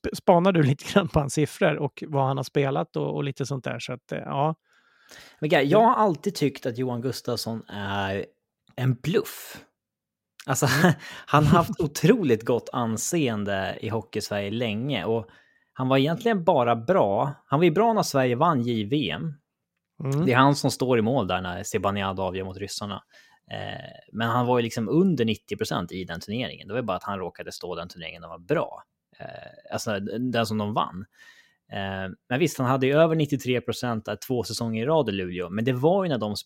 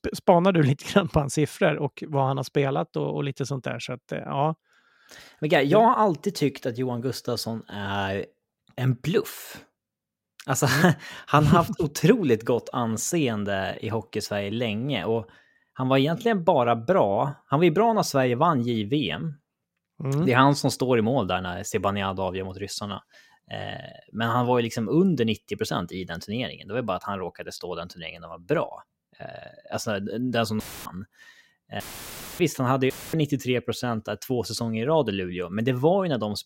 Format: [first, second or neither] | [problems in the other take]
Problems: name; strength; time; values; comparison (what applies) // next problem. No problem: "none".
first | audio cutting out; filled with static; at 31 s, at 32 s for 0.5 s and at 33 s